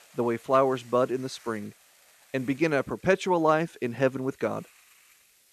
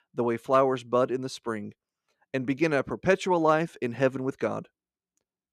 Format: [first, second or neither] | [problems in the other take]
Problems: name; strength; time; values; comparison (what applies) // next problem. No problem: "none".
second | hiss; faint; throughout; 30 dB below the speech